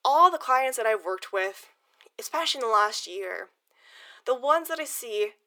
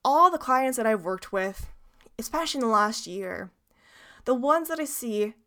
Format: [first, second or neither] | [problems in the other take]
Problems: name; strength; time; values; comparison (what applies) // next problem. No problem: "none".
second | thin; very; fading below 350 Hz